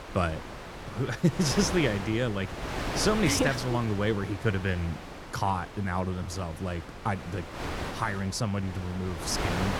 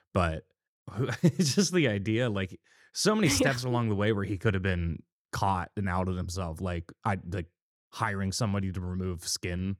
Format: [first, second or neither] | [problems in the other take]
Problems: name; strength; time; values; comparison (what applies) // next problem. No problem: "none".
second | wind noise on the microphone; heavy; 6 dB below the speech